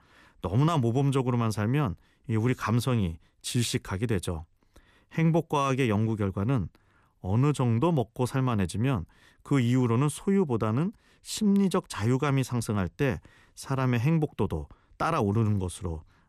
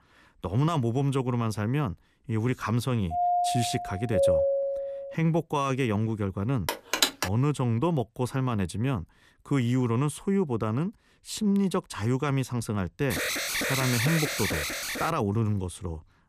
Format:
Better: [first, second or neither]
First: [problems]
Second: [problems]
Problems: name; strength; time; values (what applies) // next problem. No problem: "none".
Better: first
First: none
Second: doorbell; loud; from 3 to 5 s; peak 5 dB above the speech // phone ringing; loud; at 6.5 s; peak 4 dB above the speech // alarm; loud; from 13 to 15 s; peak 2 dB above the speech